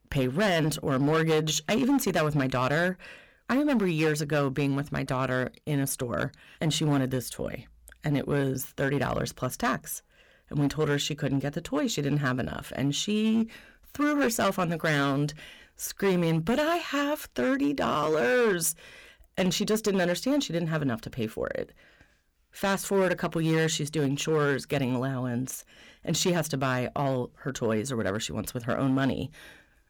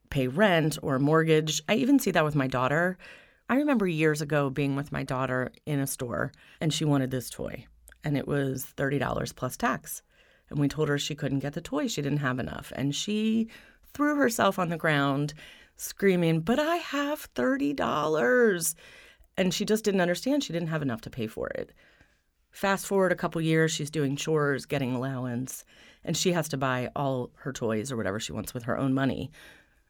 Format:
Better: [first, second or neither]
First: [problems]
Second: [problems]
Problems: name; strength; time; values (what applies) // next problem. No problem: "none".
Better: second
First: distortion; slight; 7% of the sound clipped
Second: none